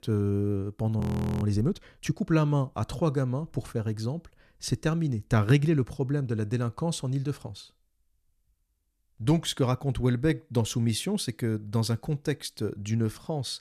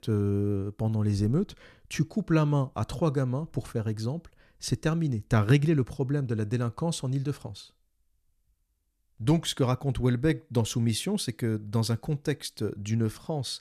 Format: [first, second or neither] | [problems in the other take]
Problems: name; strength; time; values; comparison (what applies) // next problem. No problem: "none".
second | audio freezing; at 1 s